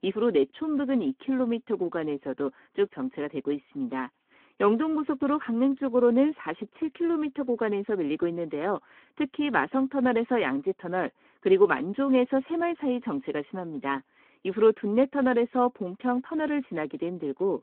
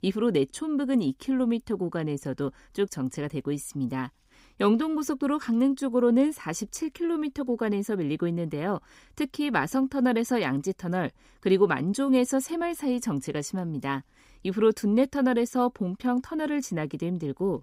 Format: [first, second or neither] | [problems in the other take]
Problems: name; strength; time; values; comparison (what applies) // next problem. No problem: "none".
second | phone-call audio